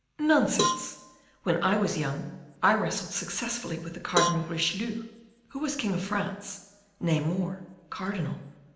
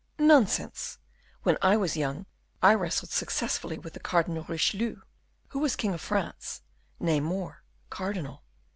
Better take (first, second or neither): second